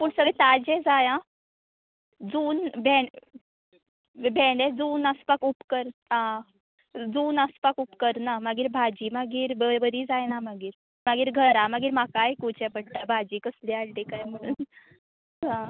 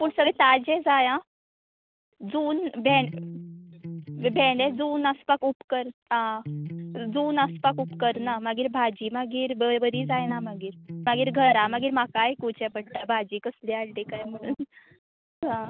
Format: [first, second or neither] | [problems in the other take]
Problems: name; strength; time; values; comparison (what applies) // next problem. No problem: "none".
first | background sound (Electric guitar); 11 dB below the speech